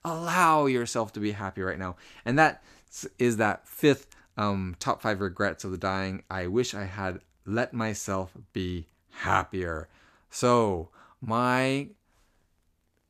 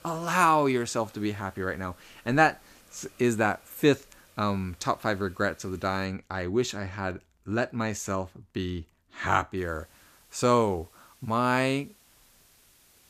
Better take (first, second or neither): first